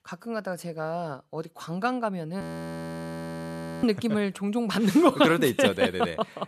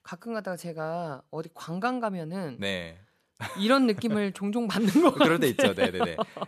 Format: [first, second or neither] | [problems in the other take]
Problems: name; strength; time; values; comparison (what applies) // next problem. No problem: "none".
second | audio freezing; at 2.5 s for 1.5 s